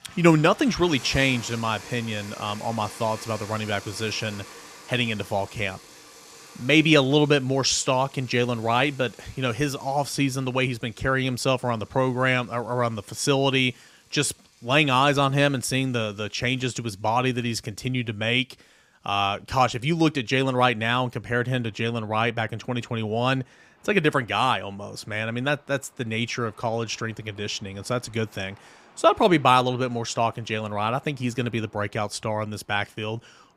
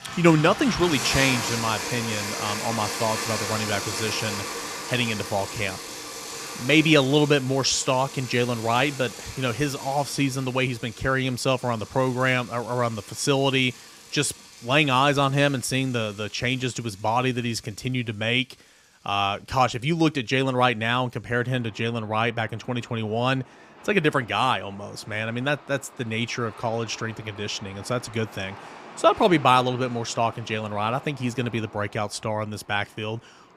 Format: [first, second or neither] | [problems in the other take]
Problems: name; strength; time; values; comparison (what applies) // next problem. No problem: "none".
first | traffic noise; loud; throughout; 9 dB below the speech; faint in the first